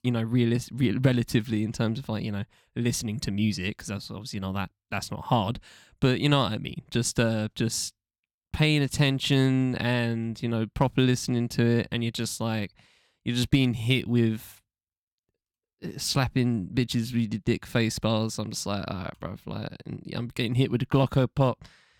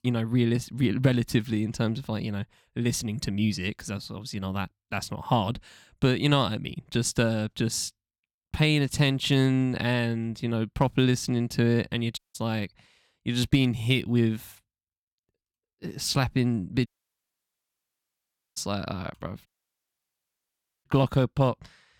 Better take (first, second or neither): first